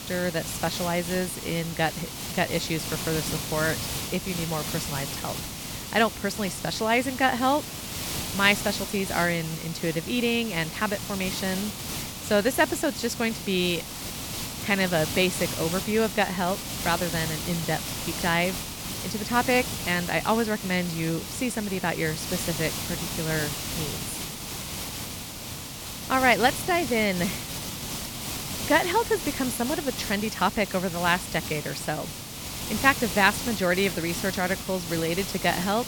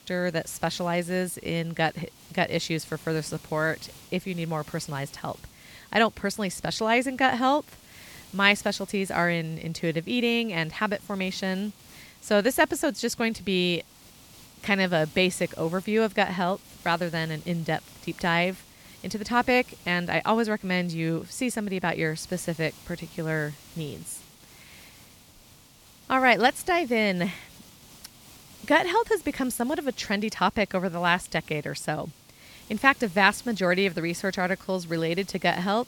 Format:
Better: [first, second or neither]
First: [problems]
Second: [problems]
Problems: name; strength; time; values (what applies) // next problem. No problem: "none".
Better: second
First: hiss; loud; throughout; 6 dB below the speech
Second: hiss; faint; throughout; 25 dB below the speech